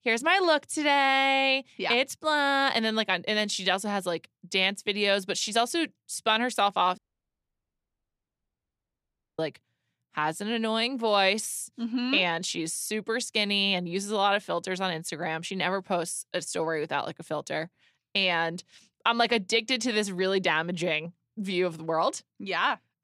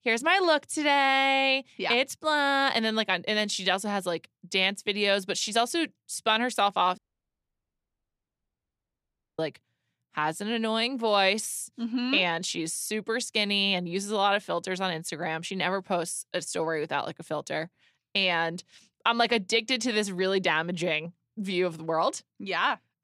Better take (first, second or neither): neither